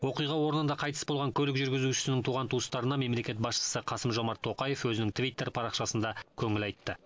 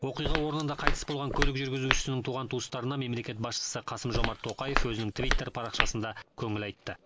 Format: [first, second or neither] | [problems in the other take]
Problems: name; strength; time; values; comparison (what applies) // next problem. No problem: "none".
first | background sound (Walk, footsteps); 3 dB above the speech